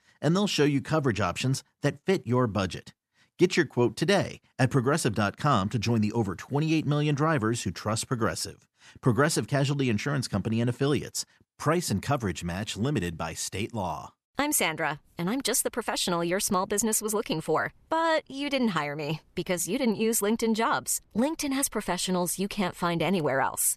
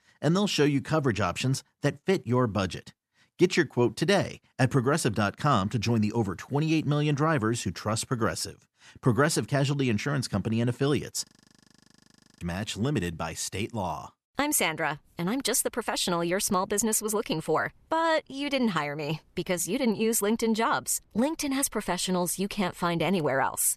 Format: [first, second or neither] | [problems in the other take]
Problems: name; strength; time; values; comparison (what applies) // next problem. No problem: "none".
first | audio freezing; at 11 s for 1 s